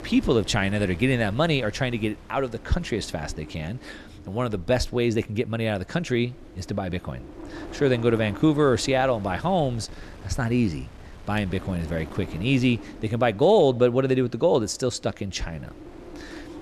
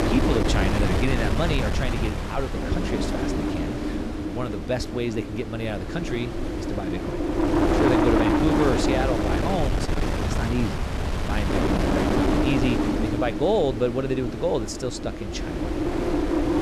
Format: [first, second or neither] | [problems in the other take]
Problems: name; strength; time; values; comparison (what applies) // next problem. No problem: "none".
first | wind noise on the microphone; heavy; 1 dB above the speech; occasional gusts in the first